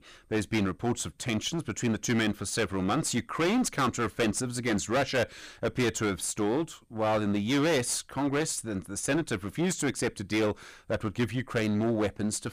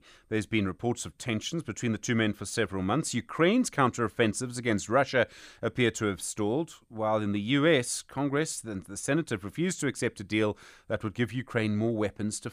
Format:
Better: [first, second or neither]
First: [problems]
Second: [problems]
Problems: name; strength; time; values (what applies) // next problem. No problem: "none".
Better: second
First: distortion; heavy; 14% of the sound clipped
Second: none